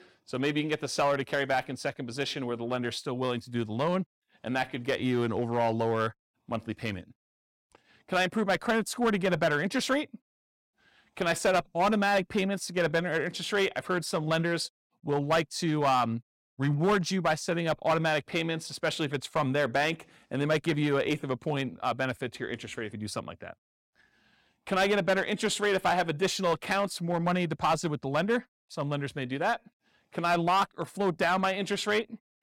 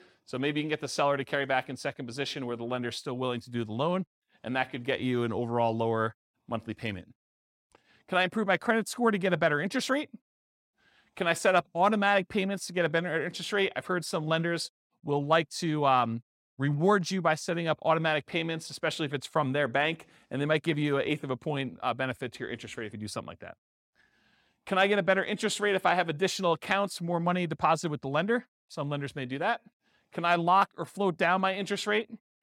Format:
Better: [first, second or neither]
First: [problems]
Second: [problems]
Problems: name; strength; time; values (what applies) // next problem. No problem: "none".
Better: second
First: distortion; slight; 4% of the sound clipped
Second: none